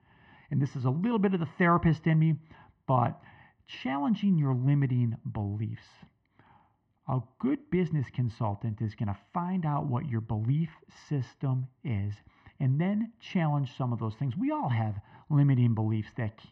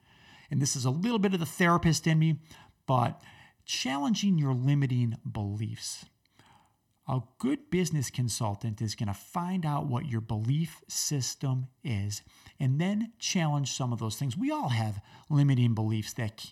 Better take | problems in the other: second | muffled; very; fading above 2 kHz

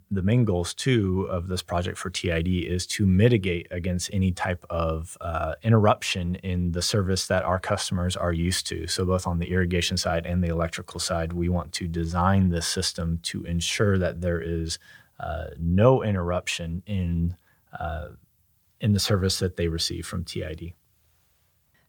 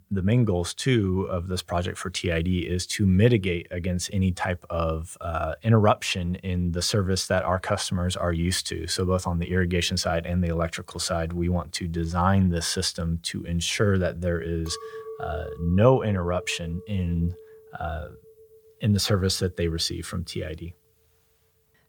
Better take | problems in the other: first | clattering dishes; faint; from 15 to 19 s; peak 10 dB below the speech

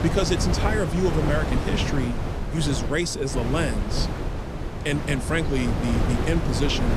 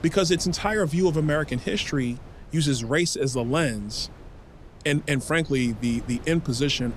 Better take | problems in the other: second | wind noise on the microphone; heavy; 4 dB below the speech; occasional gusts in the second

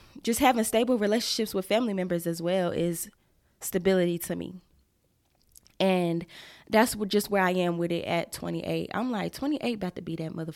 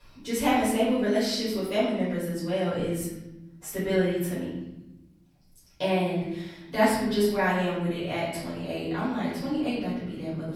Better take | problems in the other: first | off-mic speech; far // room echo; noticeable; dies away in 1 s

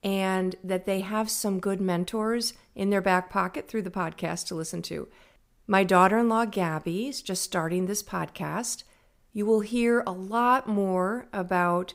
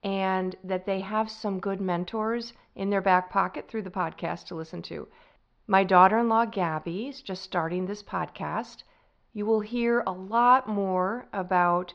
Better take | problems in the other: first | muffled; slightly; fading above 4.5 kHz

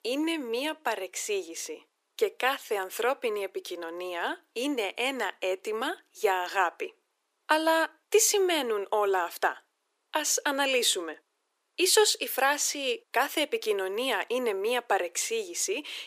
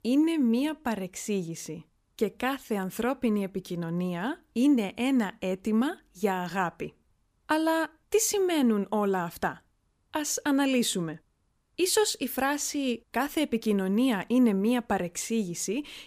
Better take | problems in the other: second | thin; very; fading below 350 Hz

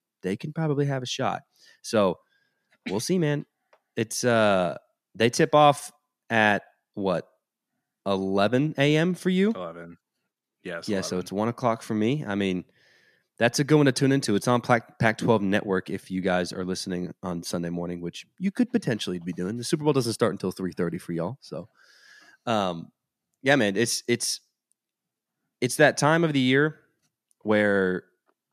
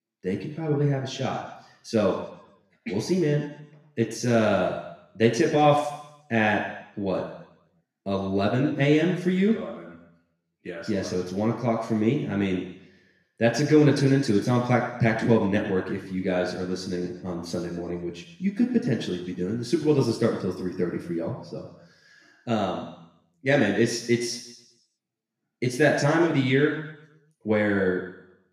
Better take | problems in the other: first | room echo; noticeable; dies away in 0.8 s // off-mic speech; far

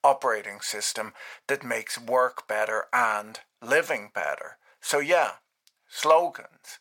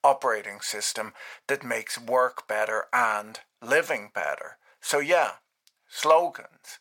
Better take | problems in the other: neither | thin; very; fading below 750 Hz; the same in both

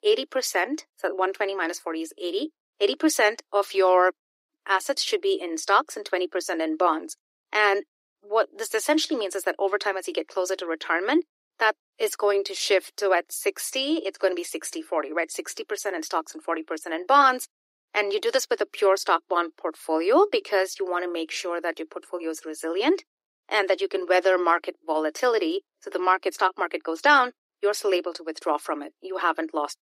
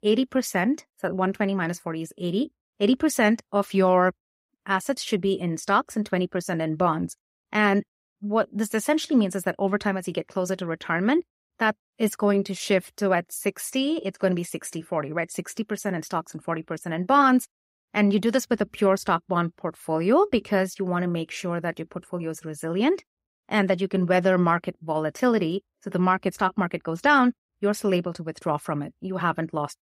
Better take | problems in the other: second | thin; very; fading below 300 Hz

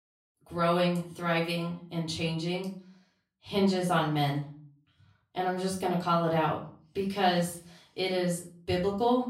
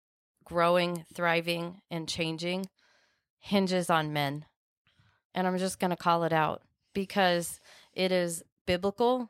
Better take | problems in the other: second | room echo; slight; dies away in 0.4 s // off-mic speech; far

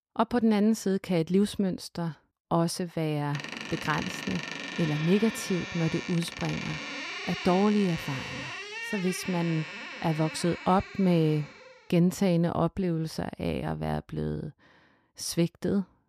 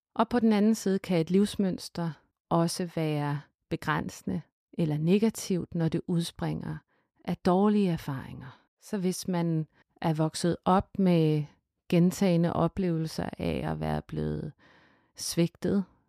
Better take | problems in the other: second | door banging; noticeable; from 3.5 to 12 s; peak 6 dB below the speech

